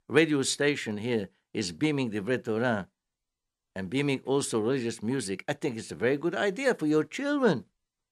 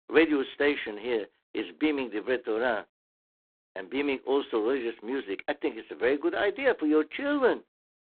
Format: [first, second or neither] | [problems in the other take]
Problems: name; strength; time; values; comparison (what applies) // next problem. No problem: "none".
first | phone-call audio; poor line; nothing above 4 kHz